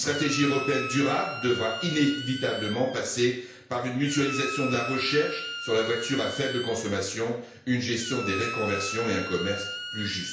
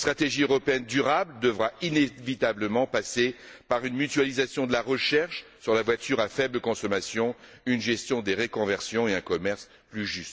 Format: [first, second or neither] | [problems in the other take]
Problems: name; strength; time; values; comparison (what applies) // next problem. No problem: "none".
second | background sound (Squeak); 8 dB below the speech // room echo; dies away in 0.5 s